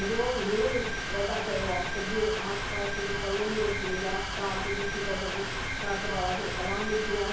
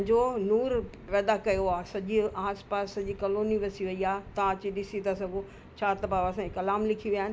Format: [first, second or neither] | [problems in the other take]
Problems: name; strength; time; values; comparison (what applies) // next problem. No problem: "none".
second | background sound (Mechanisms); 1 dB below the speech // room echo; dies away in 0.6 s